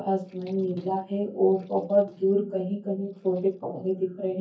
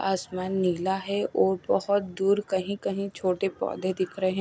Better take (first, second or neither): second